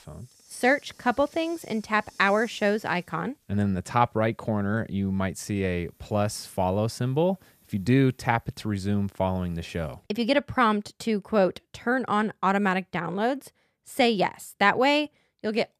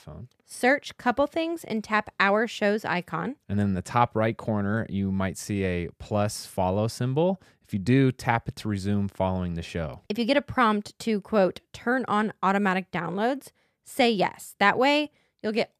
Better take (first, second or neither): second